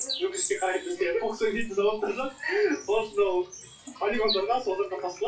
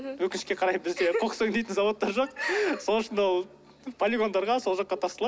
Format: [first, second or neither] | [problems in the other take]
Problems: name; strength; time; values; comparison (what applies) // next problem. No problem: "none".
second | noise reduction (classical method WPE with log-MMSE)